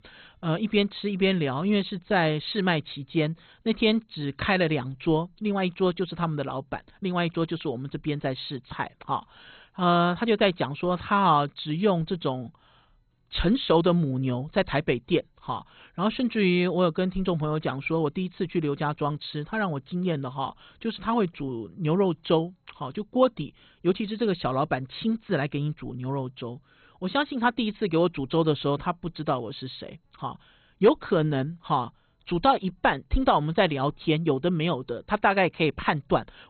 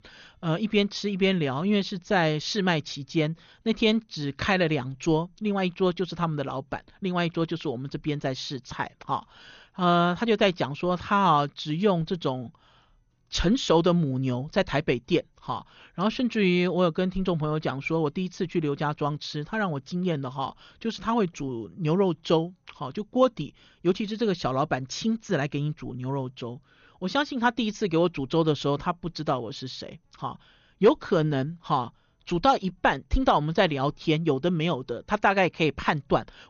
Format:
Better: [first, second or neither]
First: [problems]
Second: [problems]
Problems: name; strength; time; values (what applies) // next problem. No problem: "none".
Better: second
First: garbled, watery; badly; nothing above 4 kHz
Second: garbled, watery; slightly; nothing above 6.5 kHz